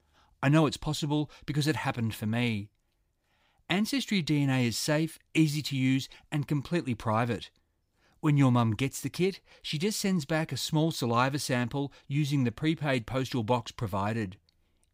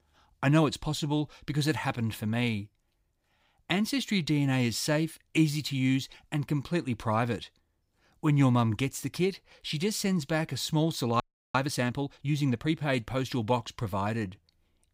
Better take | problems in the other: first | audio freezing; at 11 s

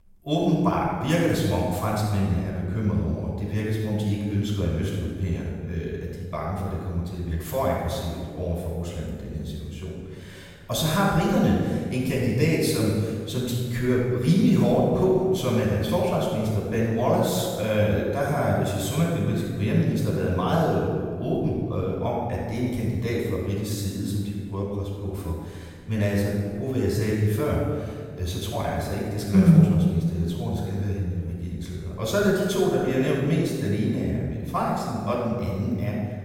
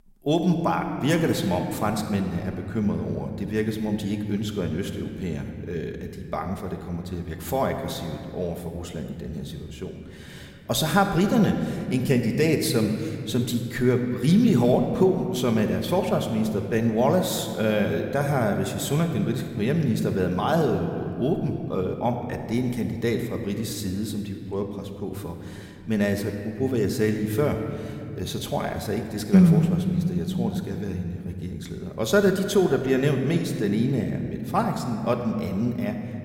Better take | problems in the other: second | room echo; strong; dies away in 1.5 s; slight in the second // off-mic speech; far

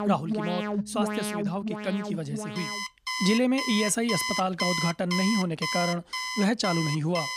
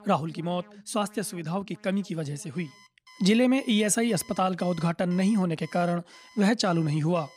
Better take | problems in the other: second | alarms or sirens; loud; throughout; 2 dB below the speech; faint in the second

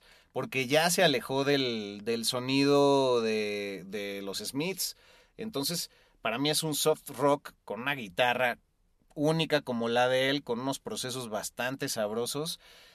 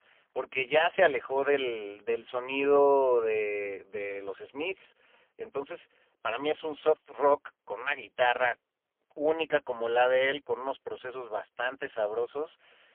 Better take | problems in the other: first | phone-call audio; poor line; nothing above 3 kHz

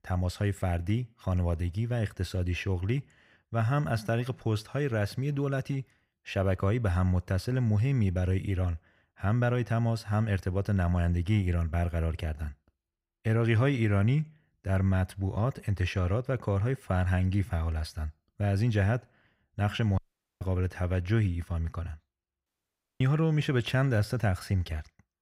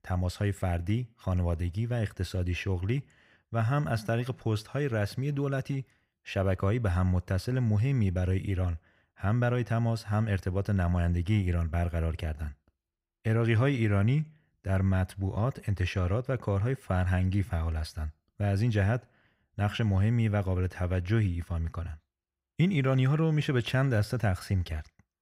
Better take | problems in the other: second | audio cutting out; at 20 s and at 22 s for 0.5 s

